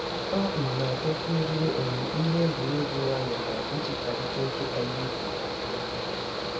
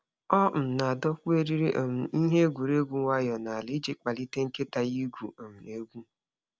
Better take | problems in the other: second | background sound (Mechanical fan); 1 dB below the speech // room echo; dies away in 2.3 s

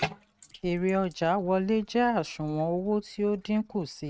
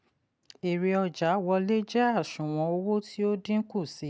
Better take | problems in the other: second | noise reduction (neural mask model RNNoise)

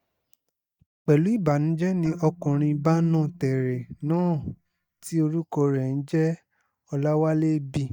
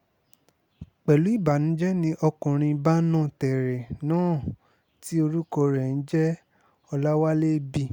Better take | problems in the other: second | noise reduction (neural mask model DeepFilterNet 3)

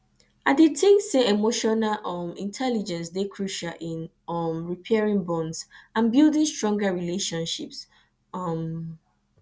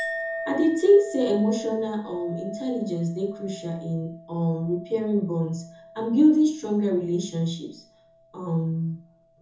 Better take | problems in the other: first | background sound (Chink, clink); 14 dB below the speech // room echo; dies away in 0.5 s

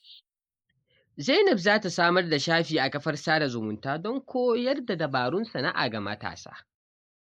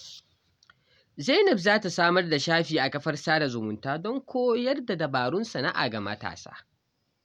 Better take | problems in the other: second | noise reduction (neural mask model Resemble Enhance denoiser)

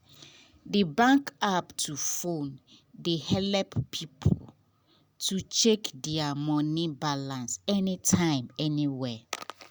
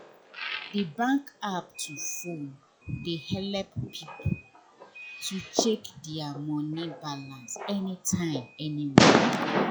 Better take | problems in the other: first | noise reduction (classical method log-MMSE)

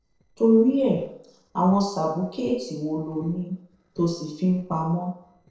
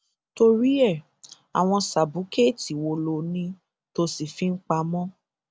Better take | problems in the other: second | noise reduction (neural separator model SepFormer DNS4)

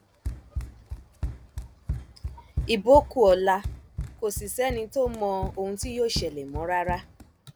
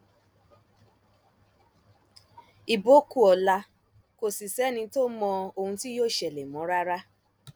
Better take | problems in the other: second | background sound (Run); 9 dB below the speech

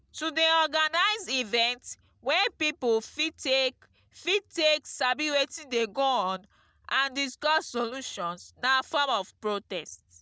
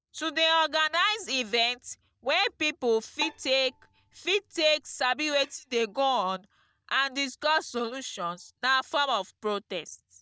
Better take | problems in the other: first | noise reduction (neural mask model DeepFilterNet 3)

